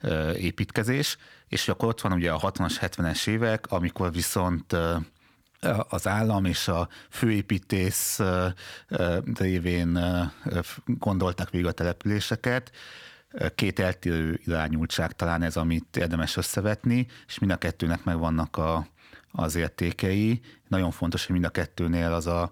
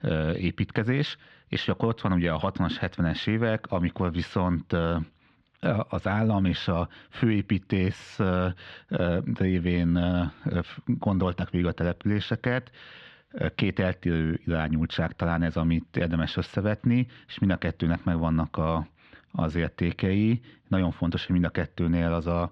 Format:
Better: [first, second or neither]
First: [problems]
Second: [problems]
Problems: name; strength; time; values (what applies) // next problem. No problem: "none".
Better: first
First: none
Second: muffled; slightly; fading above 3.5 kHz